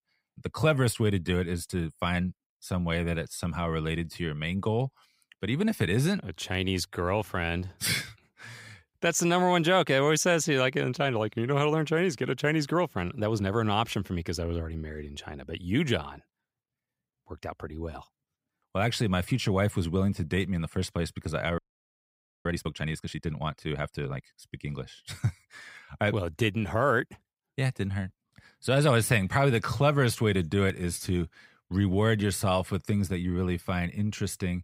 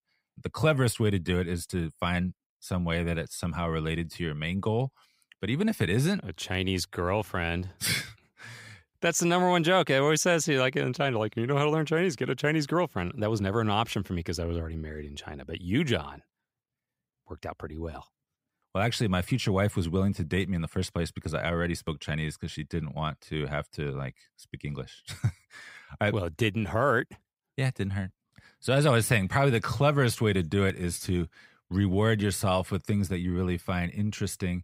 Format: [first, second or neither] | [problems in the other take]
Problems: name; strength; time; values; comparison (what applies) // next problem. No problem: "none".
second | audio freezing; at 22 s for 1 s